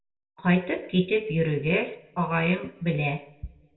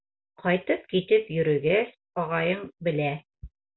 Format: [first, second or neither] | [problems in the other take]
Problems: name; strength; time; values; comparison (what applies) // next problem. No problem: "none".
second | room echo; dies away in 0.6 s